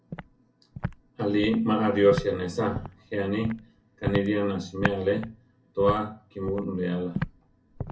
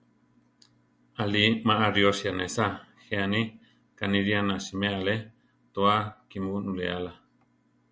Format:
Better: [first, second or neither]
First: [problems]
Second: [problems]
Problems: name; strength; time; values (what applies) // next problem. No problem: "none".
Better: second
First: background sound (Walk, footsteps); 9 dB below the speech // room echo; dies away in 0.3 s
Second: none